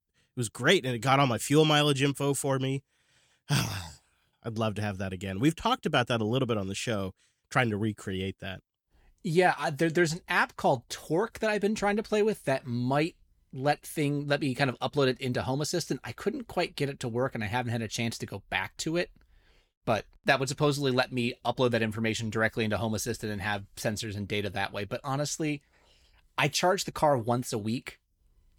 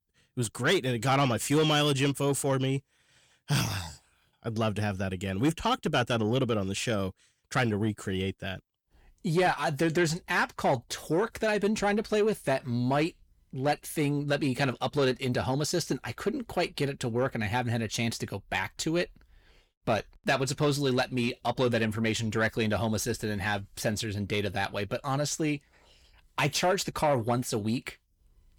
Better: first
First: none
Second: distortion; slight; 10 dB below the speech

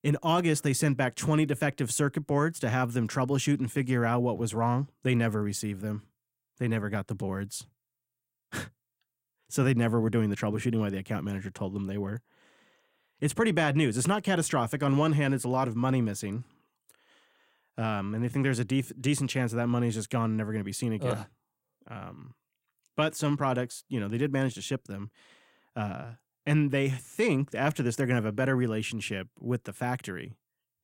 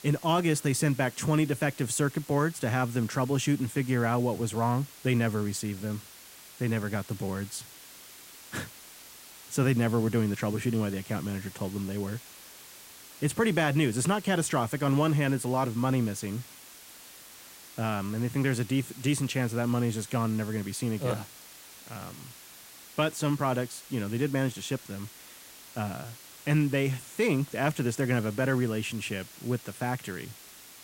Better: first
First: none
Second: hiss; noticeable; throughout; 15 dB below the speech

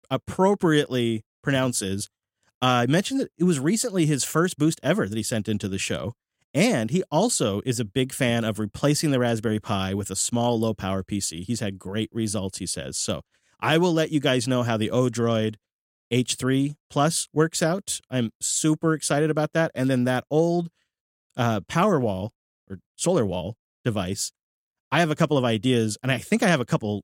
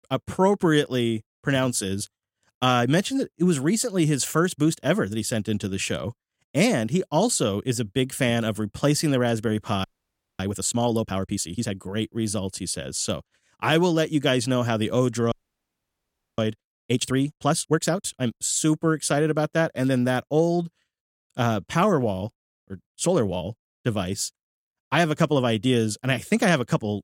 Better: first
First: none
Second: audio freezing; at 10 s for 0.5 s and at 15 s for 1 s

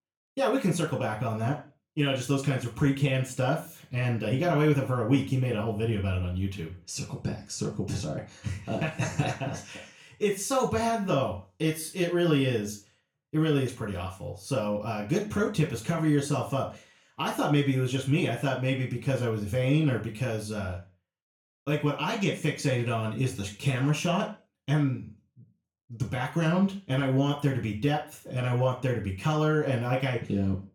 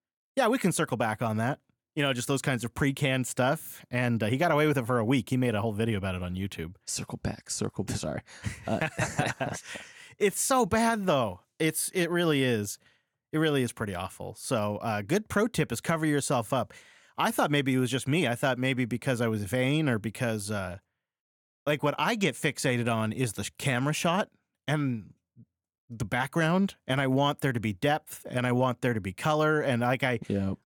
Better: second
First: room echo; slight; dies away in 0.3 s // off-mic speech; far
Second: none

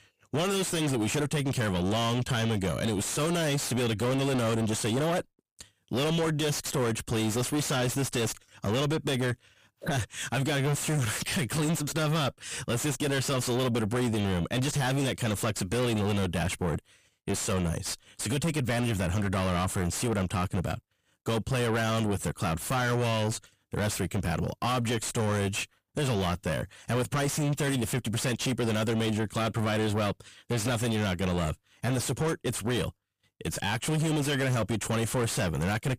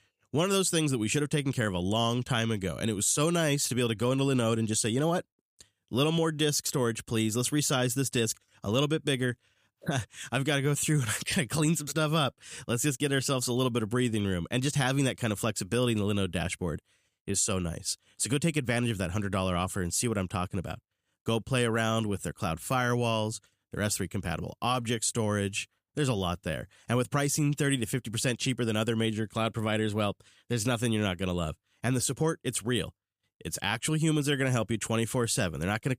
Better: second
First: distortion; heavy; 5 dB below the speech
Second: none

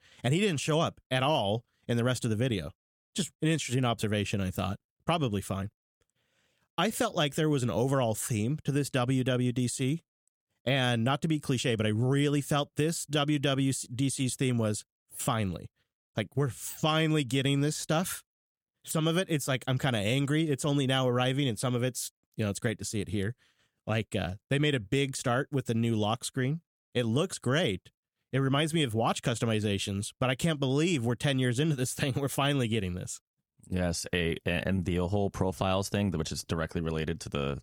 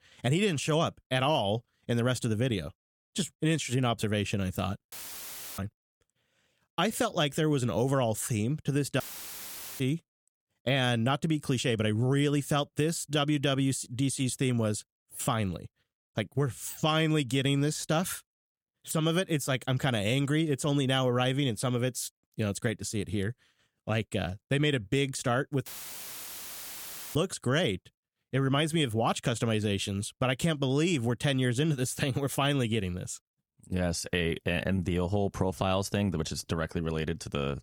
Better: first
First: none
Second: audio cutting out; filled with static; at 5 s for 0.5 s, at 9 s for 1 s and at 26 s for 1.5 s

